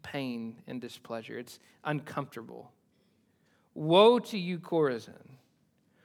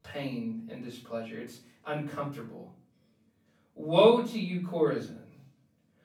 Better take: first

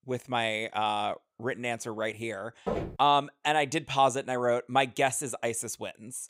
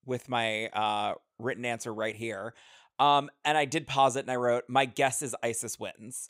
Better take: second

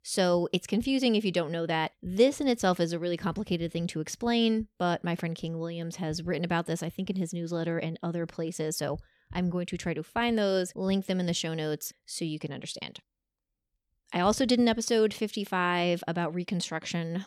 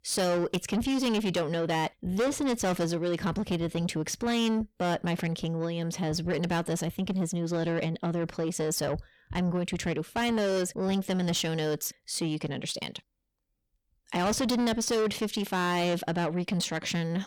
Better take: first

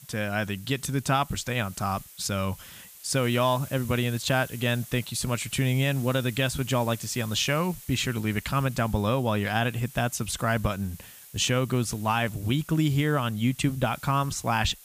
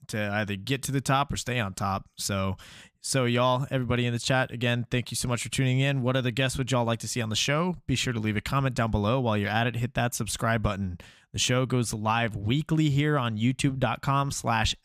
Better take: second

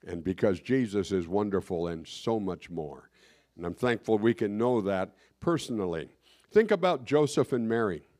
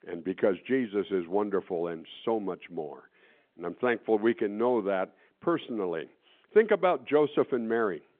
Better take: first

